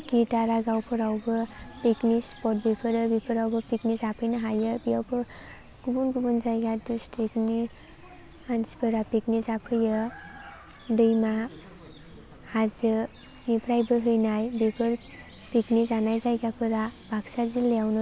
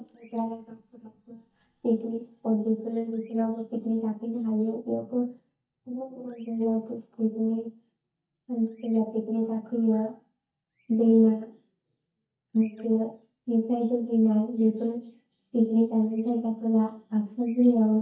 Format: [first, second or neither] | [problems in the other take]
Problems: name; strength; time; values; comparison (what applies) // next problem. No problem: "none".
first | noise reduction (neural mask model DeepFilterNet 3)